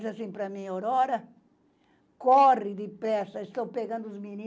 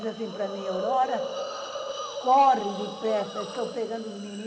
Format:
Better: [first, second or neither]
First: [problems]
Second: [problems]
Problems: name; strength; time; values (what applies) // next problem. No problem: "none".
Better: first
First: none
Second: background sound (Hiss); 8 dB below the speech // room echo; dies away in 2 s